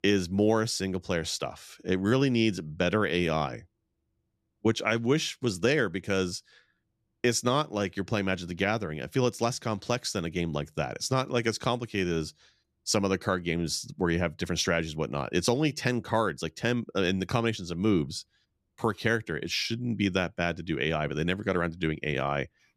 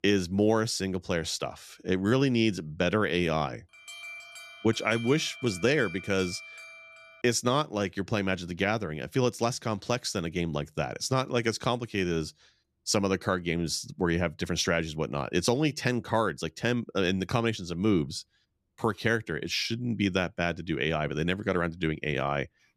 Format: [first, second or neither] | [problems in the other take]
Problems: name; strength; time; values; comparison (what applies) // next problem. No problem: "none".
first | alarm; faint; from 3.5 to 7 s; peak 10 dB below the speech